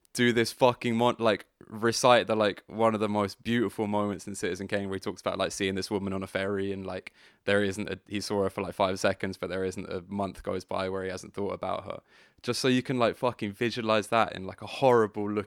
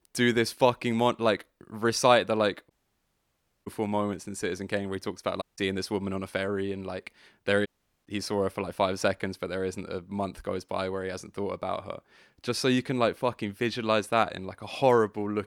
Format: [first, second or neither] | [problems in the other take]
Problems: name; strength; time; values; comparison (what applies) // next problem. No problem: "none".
first | audio cutting out; at 2.5 s for 1 s, at 5.5 s and at 7.5 s